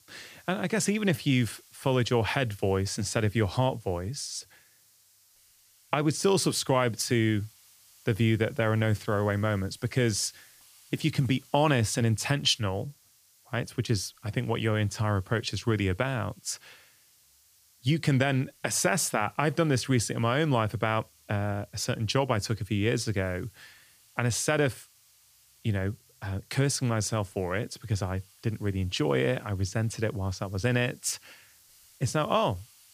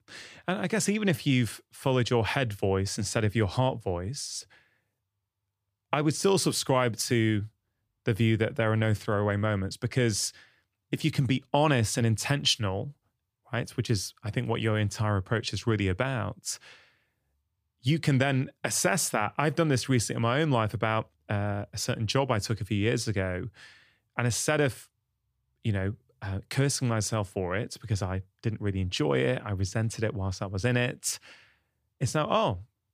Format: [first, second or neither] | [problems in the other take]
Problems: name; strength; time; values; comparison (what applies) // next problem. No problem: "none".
second | hiss; faint; throughout; 30 dB below the speech